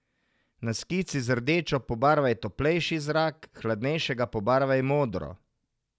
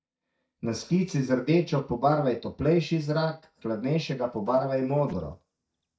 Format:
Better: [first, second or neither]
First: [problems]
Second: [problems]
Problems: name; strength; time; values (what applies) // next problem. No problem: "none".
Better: first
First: none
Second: noise reduction (neural mask model DeepFilterNet 3)